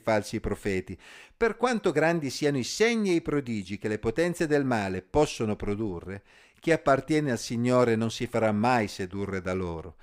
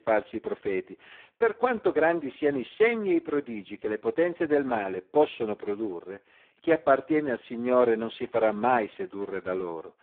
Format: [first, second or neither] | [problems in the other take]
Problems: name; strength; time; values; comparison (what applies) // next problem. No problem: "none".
first | phone-call audio; poor line; nothing above 3.5 kHz